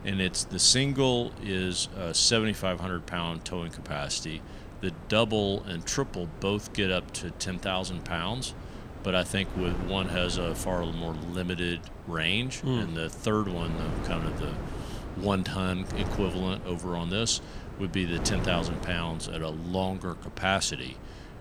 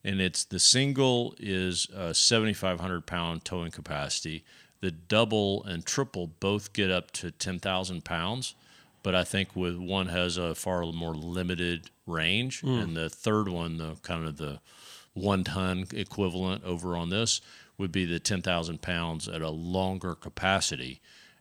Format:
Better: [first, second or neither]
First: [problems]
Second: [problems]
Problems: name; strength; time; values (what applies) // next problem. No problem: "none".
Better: second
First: wind noise on the microphone; occasional gusts; 15 dB below the speech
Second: none